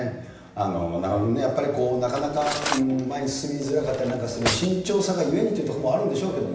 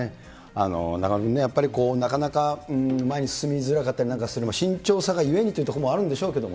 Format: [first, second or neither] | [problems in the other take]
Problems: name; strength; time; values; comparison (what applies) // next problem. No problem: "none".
second | background sound (Cutlery, silverware); 9 dB below the speech // room echo; dies away in 0.9 s